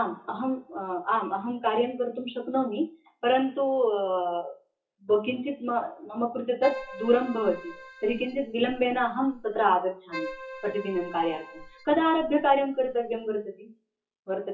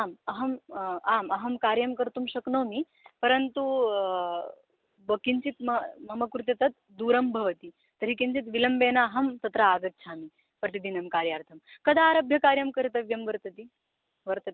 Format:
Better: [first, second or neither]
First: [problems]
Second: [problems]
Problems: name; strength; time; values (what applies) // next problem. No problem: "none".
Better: second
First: noise reduction (classical method WPE with log-MMSE)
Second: none